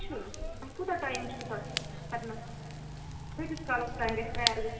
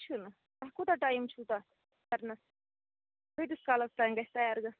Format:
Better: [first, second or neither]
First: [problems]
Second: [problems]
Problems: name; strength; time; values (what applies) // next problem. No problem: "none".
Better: second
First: background sound (Fire / Rain); 1 dB below the speech // room echo; dies away in 2.4 s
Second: none